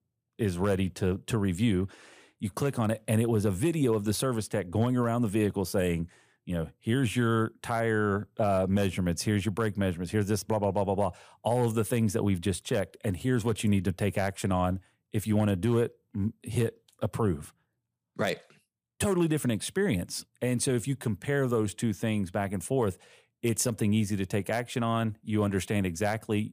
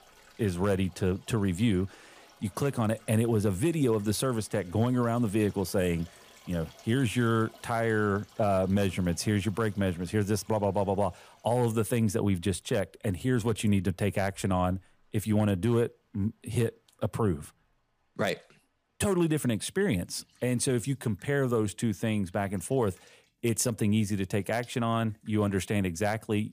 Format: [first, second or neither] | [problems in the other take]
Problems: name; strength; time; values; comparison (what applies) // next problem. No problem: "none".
first | rain or running water; faint; throughout; 25 dB below the speech